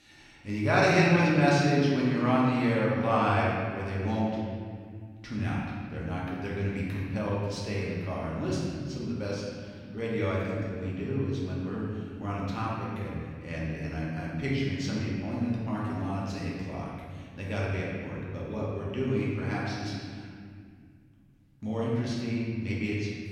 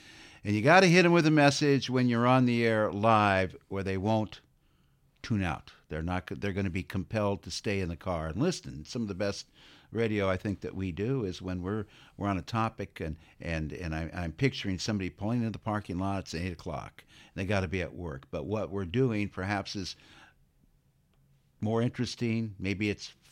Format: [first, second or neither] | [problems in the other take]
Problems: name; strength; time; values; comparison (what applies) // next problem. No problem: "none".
second | room echo; strong; dies away in 2.1 s // off-mic speech; far